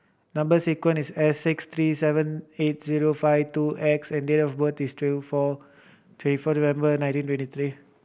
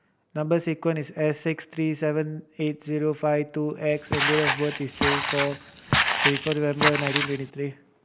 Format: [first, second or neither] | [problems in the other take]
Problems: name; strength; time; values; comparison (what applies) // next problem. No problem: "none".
first | background sound (Walk, footsteps); 1 dB above the speech